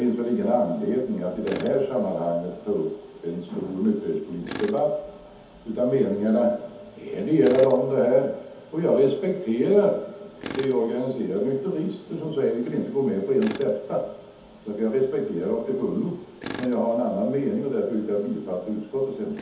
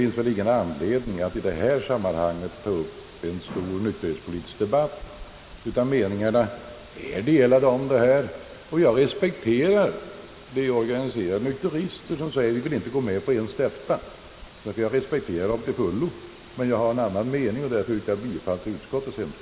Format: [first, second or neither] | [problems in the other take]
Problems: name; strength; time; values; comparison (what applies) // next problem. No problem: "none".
second | background sound (Tools); 19 dB below the speech // room echo; dies away in 0.6 s